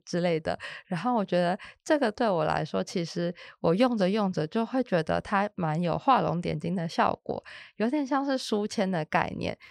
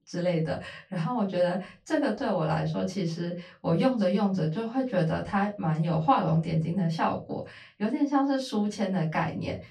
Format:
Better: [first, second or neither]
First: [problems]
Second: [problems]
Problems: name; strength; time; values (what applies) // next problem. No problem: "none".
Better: first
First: none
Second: off-mic speech; far // room echo; very slight; dies away in 0.3 s